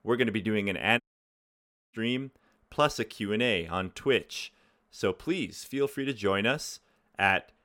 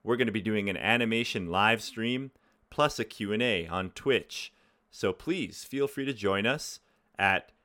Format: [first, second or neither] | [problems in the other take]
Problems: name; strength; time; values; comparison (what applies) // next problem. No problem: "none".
second | audio cutting out; at 1 s for 1 s